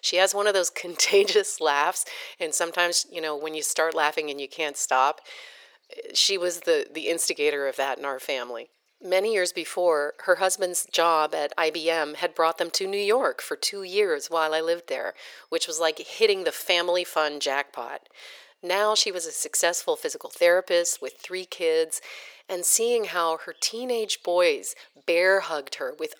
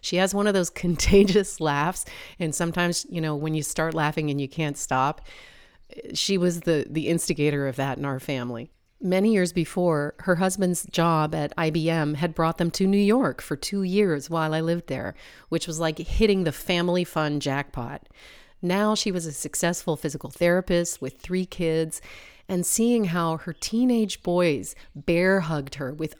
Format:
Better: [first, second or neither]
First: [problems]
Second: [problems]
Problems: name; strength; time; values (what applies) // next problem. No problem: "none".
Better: second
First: thin; very; fading below 450 Hz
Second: none